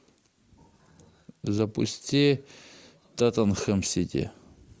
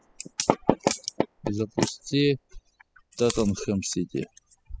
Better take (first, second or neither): first